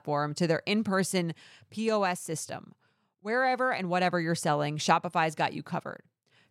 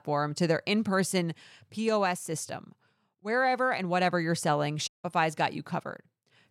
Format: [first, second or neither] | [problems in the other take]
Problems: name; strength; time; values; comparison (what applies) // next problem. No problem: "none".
first | audio cutting out; at 5 s